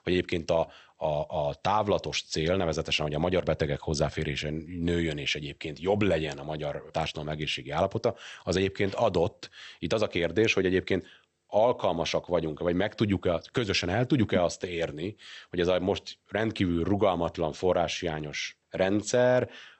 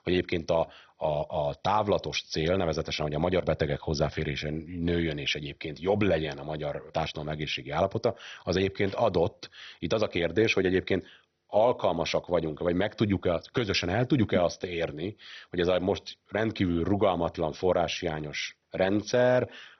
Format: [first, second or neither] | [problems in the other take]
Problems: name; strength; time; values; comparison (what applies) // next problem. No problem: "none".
first | garbled, watery; badly; nothing above 6 kHz; slightly in the first